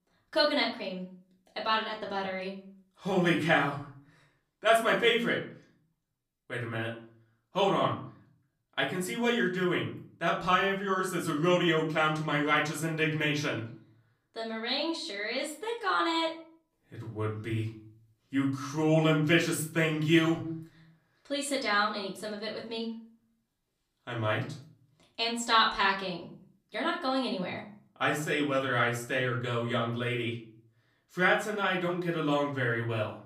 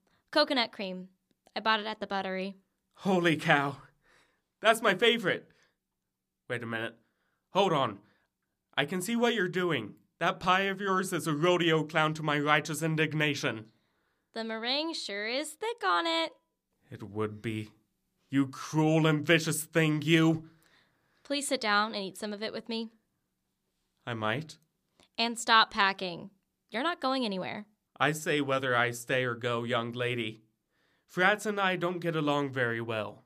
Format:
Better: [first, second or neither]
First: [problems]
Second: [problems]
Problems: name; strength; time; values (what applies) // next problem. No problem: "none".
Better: second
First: off-mic speech; far // room echo; slight; dies away in 0.4 s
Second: none